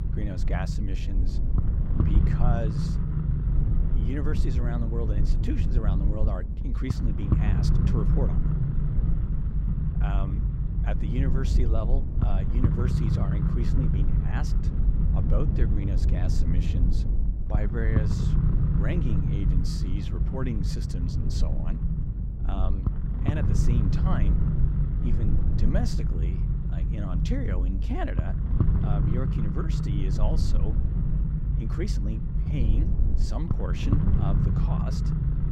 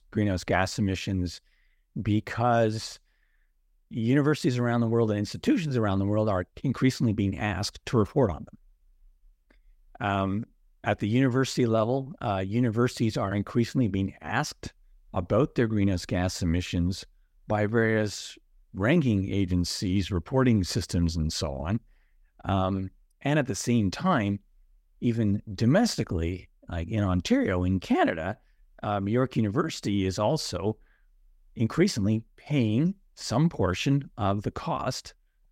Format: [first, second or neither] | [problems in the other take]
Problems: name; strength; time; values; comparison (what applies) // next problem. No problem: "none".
second | low rumble; loud; throughout; as loud as the speech